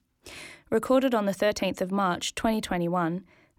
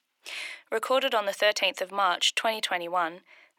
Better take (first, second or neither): first